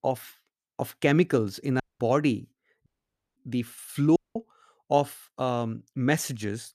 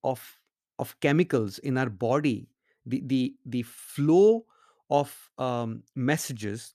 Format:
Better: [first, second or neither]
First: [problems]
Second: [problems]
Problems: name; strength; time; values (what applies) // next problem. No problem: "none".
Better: second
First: audio cutting out; at 2 s, at 3 s for 0.5 s and at 4 s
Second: none